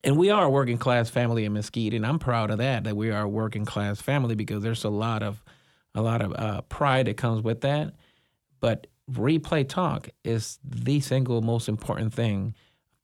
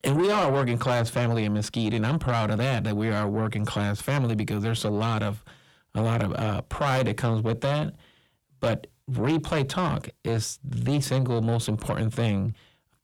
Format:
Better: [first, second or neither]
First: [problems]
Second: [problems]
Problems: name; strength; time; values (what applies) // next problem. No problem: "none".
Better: first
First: none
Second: distortion; slight; 10 dB below the speech